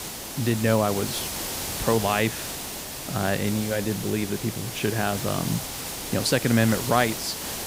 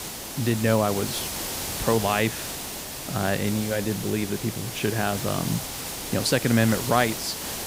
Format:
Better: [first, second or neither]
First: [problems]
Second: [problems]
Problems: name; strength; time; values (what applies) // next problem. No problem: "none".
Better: neither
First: hiss; loud; throughout; 5 dB below the speech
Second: hiss; loud; throughout; 5 dB below the speech